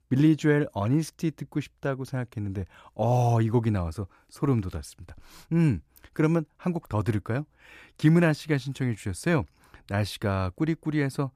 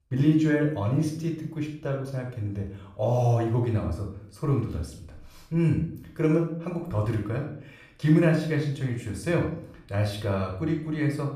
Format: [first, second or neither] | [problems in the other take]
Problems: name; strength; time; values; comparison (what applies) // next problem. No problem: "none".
first | off-mic speech; somewhat distant // room echo; noticeable; dies away in 0.5 s